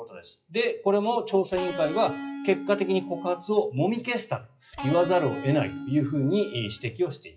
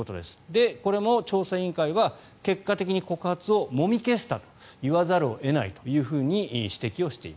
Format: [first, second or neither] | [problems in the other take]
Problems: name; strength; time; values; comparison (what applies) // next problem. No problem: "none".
second | noise reduction (classical method WPE with log-MMSE)